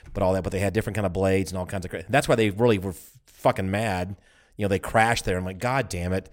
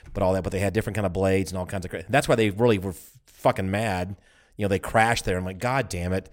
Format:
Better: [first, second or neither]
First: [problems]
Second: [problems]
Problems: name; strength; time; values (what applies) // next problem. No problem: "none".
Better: neither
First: none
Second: none